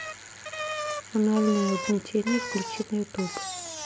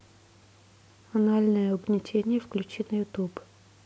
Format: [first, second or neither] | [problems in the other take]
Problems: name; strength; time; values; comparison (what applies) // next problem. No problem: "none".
second | background sound (Bicycle); 7 dB below the speech